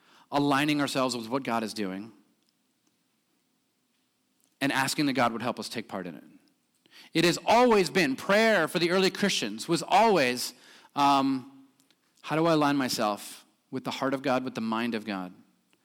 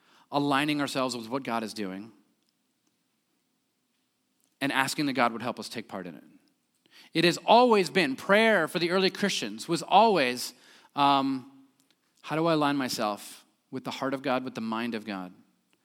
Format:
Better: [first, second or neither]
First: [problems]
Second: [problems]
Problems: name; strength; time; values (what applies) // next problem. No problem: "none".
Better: second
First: distortion; slight; 2% of the sound clipped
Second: none